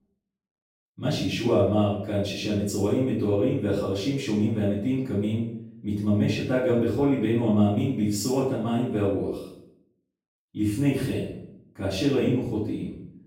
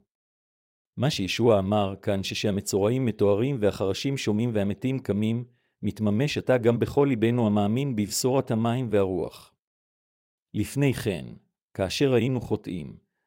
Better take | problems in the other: second | off-mic speech; far // room echo; noticeable; dies away in 0.6 s

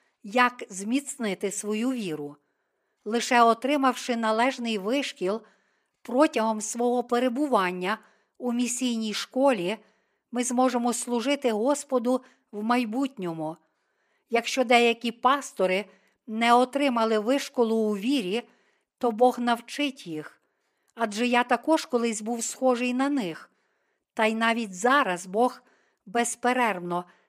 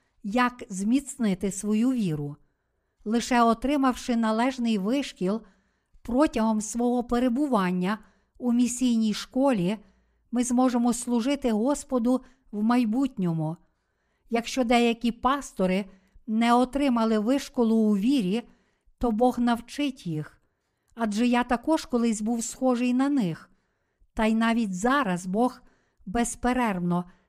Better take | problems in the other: second | thin; very slightly; fading below 400 Hz

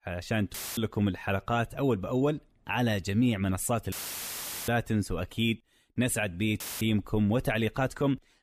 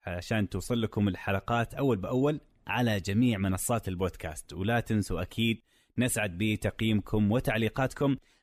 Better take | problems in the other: second | audio cutting out; filled with static; at 0.5 s, at 4 s for 1 s and at 6.5 s

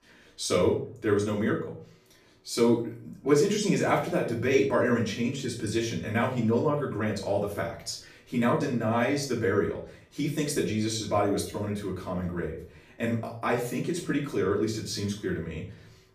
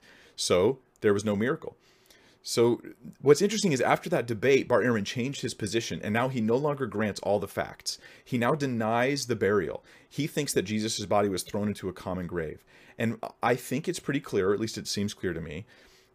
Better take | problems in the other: second | off-mic speech; far // room echo; slight; dies away in 0.4 s

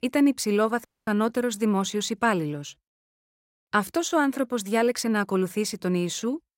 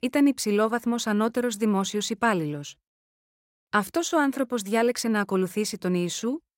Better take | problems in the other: second | audio cutting out; at 1 s

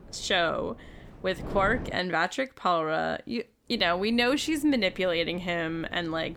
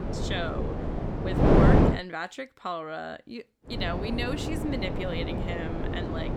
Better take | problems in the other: first | wind noise on the microphone; heavy; until 2 s and from 3.5 s on; 4 dB above the speech; occasional gusts in the first

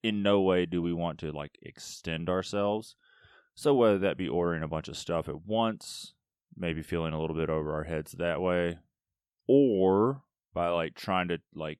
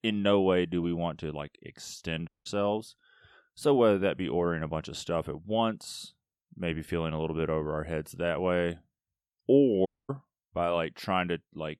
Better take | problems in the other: first | audio cutting out; at 2.5 s and at 10 s

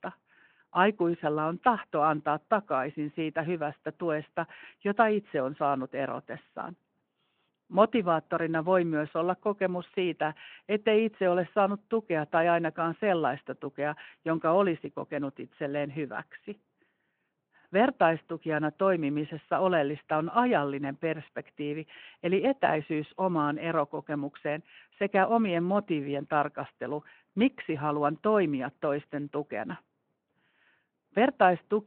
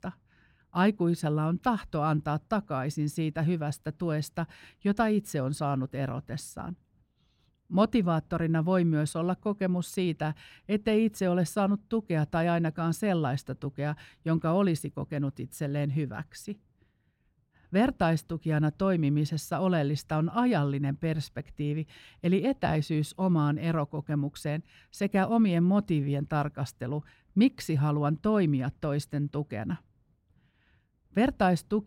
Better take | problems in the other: second | phone-call audio

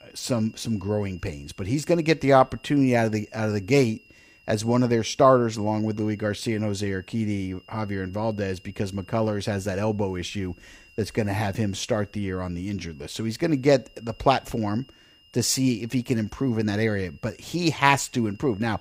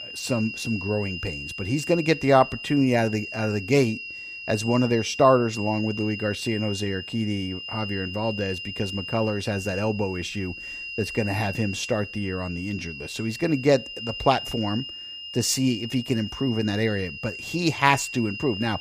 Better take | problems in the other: first | high-pitched whine; loud; throughout; 3 kHz, 8 dB below the speech; faint in the first

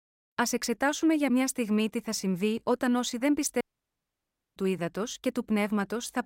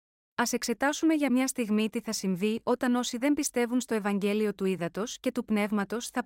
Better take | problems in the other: second | audio cutting out; at 3.5 s for 1 s

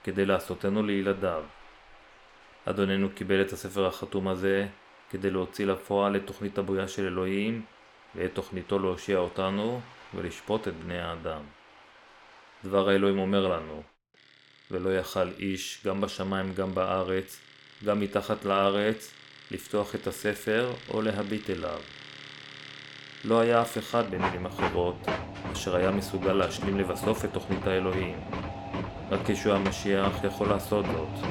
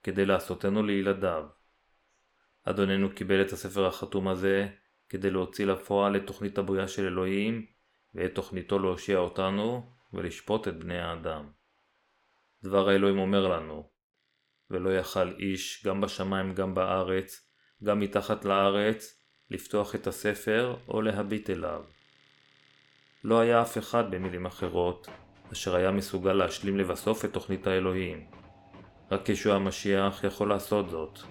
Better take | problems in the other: second | household noises; loud; throughout; 9 dB below the speech; faint in the second

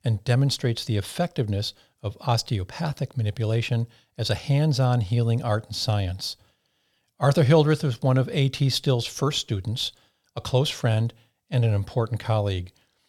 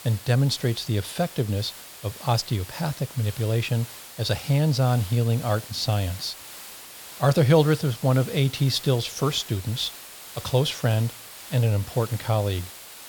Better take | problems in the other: first | hiss; noticeable; throughout; 15 dB below the speech

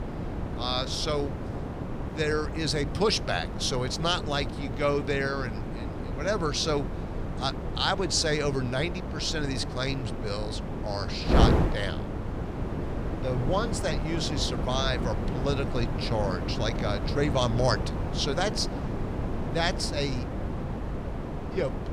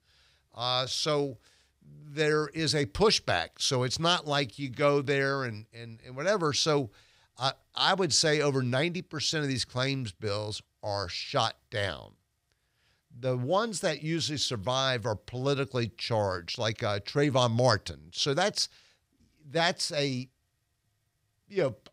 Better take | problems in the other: second | wind noise on the microphone; heavy; 7 dB below the speech

